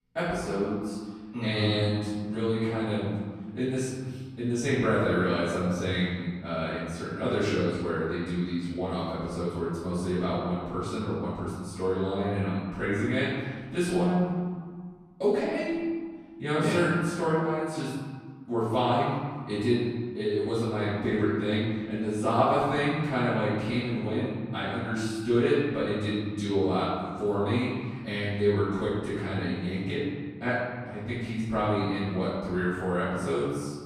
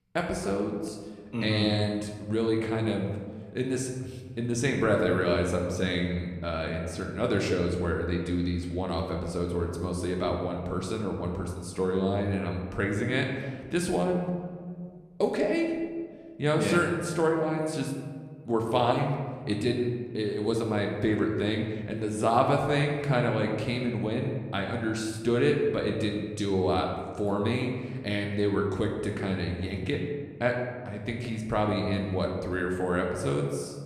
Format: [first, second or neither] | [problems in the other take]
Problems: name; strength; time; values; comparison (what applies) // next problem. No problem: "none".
second | room echo; strong; dies away in 1.6 s; slight in the second // off-mic speech; far